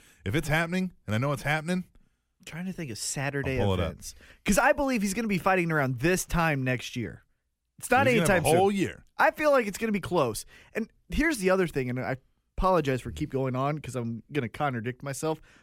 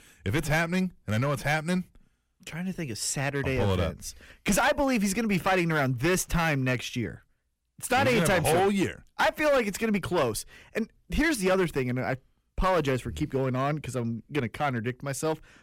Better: first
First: none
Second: distortion; slight; 7% of the sound clipped

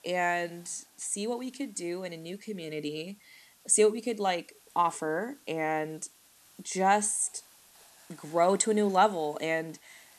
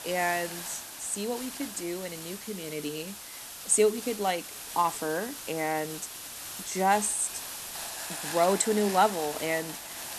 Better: first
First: hiss; faint; throughout; 25 dB below the speech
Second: hiss; loud; throughout; 8 dB below the speech

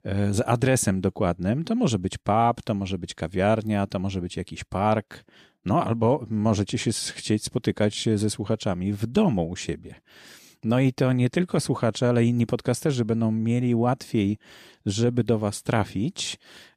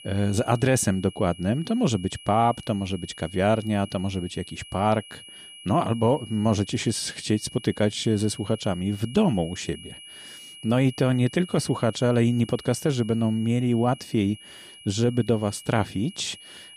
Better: first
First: none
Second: high-pitched whine; noticeable; throughout; 3 kHz, 20 dB below the speech

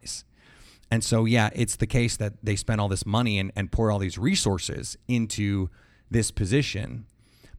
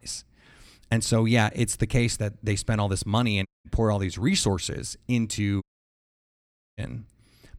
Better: first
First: none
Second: audio cutting out; at 3.5 s and at 5.5 s for 1 s

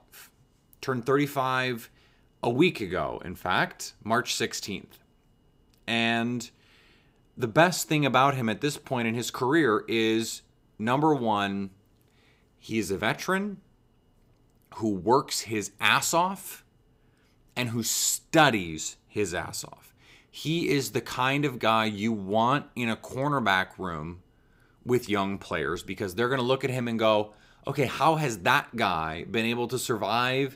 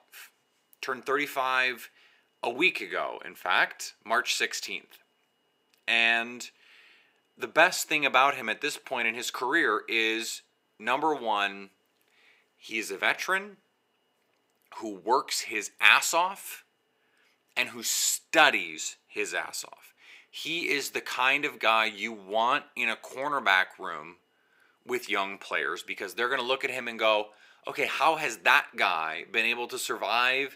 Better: first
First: none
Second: thin; somewhat; fading below 450 Hz

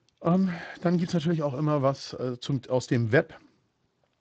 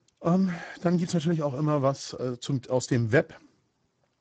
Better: first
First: garbled, watery; slightly; nothing above 7.5 kHz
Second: garbled, watery; badly; nothing above 7.5 kHz

